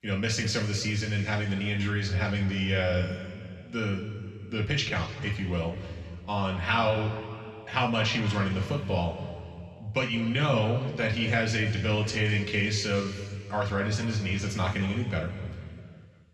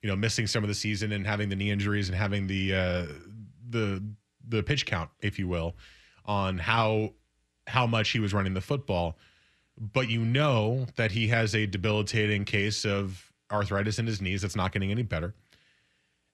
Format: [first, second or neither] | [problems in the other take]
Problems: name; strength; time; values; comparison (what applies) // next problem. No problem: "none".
second | room echo; noticeable; dies away in 2.2 s // off-mic speech; far